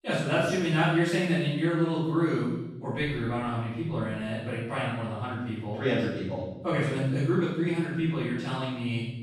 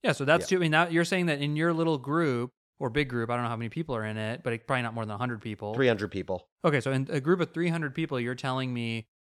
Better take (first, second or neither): second